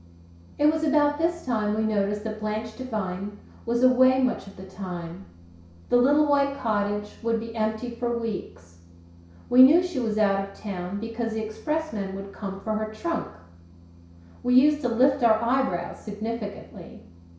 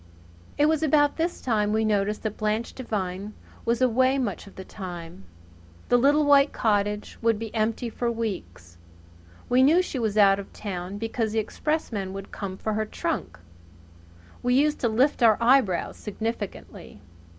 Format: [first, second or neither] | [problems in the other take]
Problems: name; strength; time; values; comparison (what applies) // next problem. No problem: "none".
second | room echo; dies away in 0.6 s